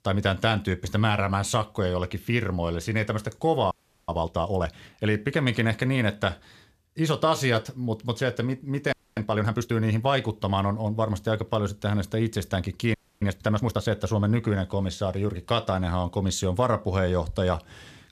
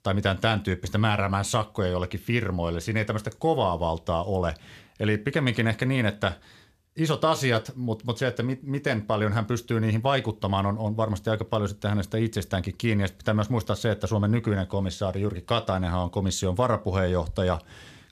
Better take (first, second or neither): second